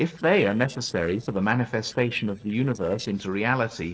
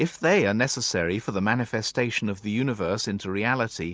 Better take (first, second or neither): second